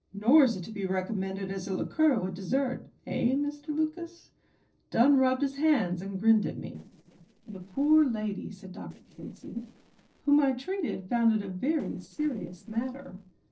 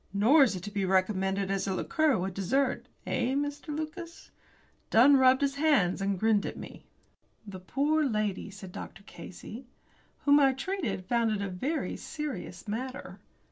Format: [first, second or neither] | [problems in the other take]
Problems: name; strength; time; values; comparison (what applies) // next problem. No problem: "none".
second | noise reduction (neural separator model SepFormer DNS4)